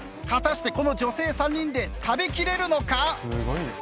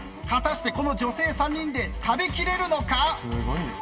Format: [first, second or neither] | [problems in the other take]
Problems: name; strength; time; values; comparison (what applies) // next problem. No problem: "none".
first | room echo; dies away in 1.3 s